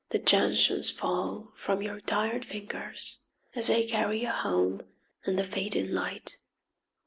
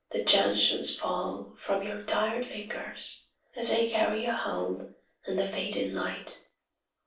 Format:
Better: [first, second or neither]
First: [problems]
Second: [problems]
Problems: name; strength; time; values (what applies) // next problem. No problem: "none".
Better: first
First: none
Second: room echo; dies away in 0.3 s